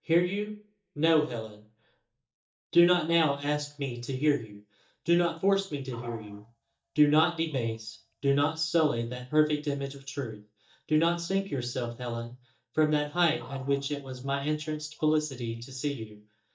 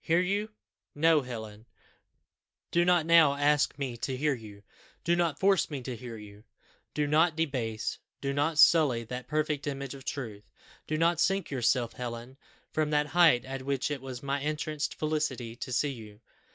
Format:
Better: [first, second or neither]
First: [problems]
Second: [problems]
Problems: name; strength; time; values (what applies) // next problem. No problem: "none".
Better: second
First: noise reduction (neural mask model DeepFilterNet 3)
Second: none